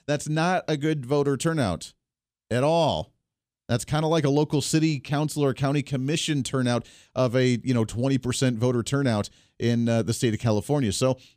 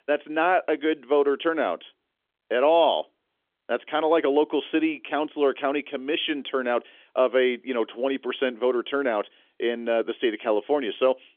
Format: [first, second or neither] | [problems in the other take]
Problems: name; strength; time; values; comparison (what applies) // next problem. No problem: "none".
first | phone-call audio; nothing above 3.5 kHz